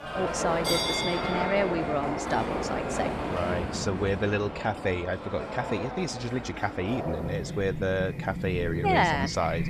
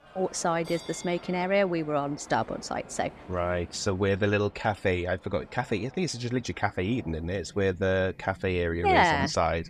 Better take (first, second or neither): second